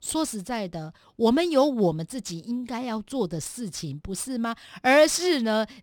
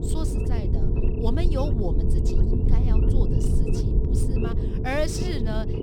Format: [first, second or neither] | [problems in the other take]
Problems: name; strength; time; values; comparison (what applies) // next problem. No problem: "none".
first | low rumble; loud; throughout; 2 dB below the speech